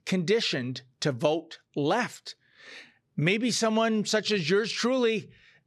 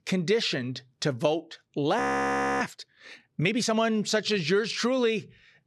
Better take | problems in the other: first | audio freezing; at 2 s for 0.5 s

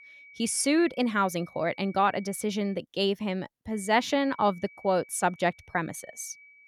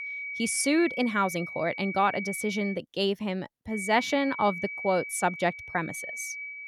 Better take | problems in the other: first | high-pitched whine; loud; until 2.5 s and from 3.5 s on; 2.5 kHz, 7 dB below the speech; faint in the first

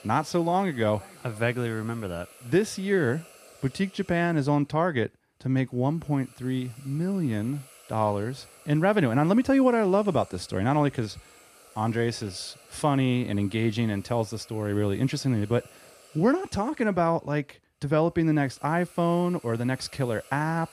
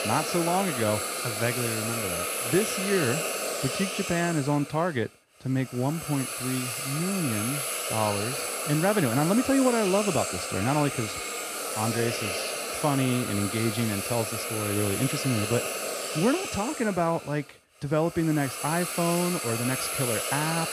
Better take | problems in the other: first | hiss; loud; throughout; 2 dB below the speech; faint in the first

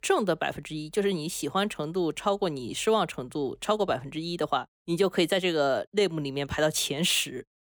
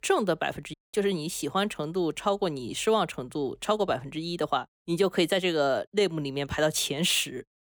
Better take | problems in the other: first | audio cutting out; at 0.5 s

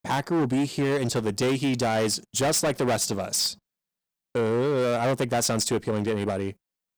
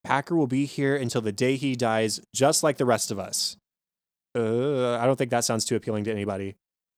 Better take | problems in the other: second | distortion; heavy; 17% of the sound clipped

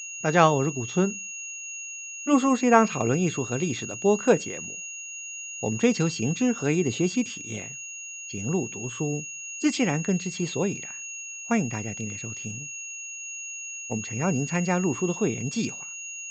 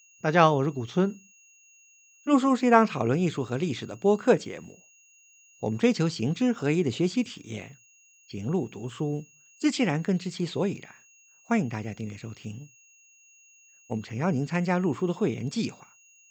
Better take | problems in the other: second | high-pitched whine; loud; throughout; 2.5 kHz, 9 dB below the speech; faint in the second

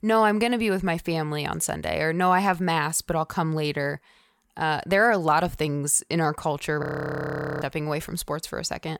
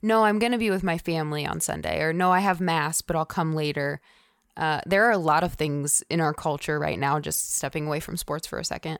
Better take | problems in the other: second | audio freezing; at 7 s for 1 s

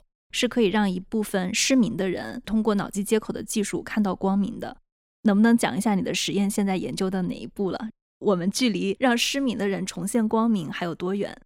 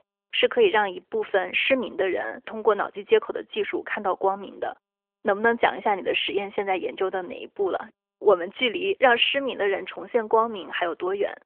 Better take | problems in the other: first | phone-call audio; nothing above 3 kHz

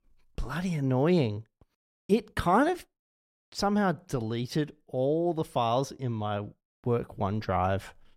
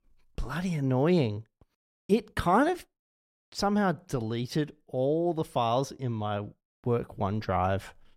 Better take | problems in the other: neither | none

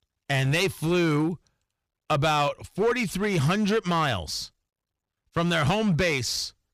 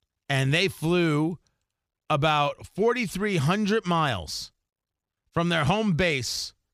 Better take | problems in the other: second | distortion; slight; 7% of the sound clipped

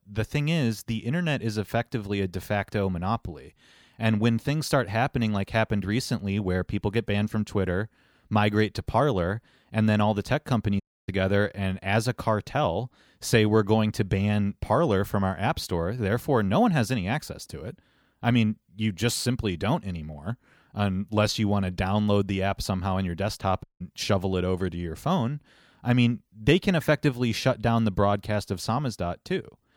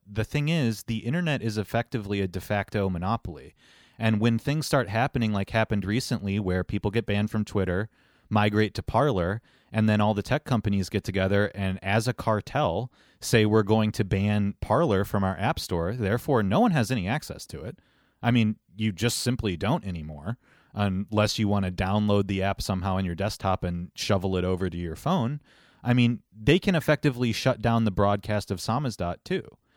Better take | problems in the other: second | audio cutting out; at 11 s and at 24 s

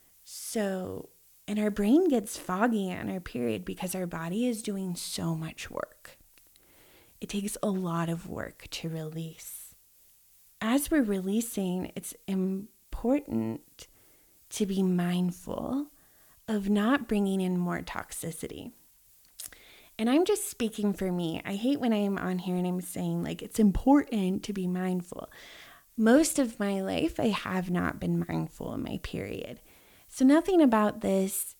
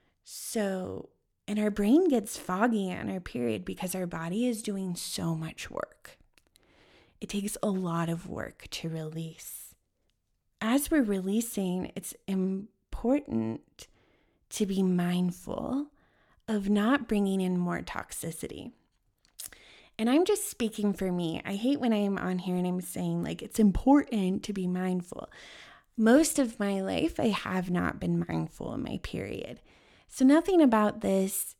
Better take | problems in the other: second | hiss; faint; throughout; 30 dB below the speech

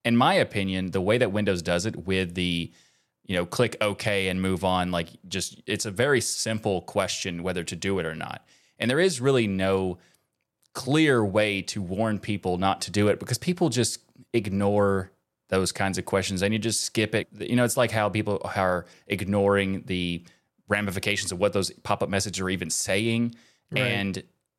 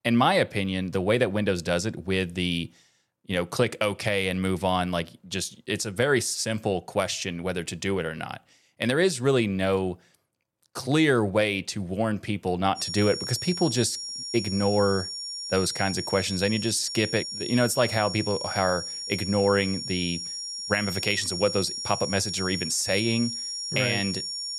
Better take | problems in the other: first | high-pitched whine; loud; from 13 s on; 5.5 kHz, 5 dB below the speech

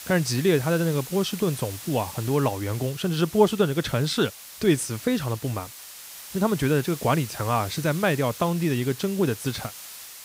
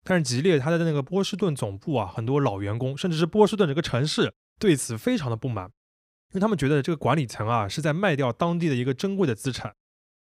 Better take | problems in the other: second | hiss; noticeable; throughout; 15 dB below the speech

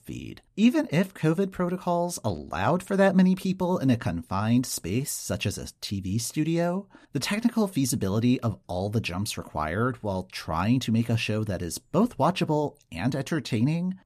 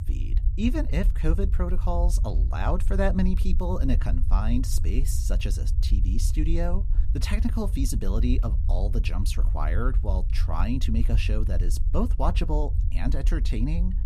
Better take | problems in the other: first | low rumble; noticeable; throughout; 15 dB below the speech

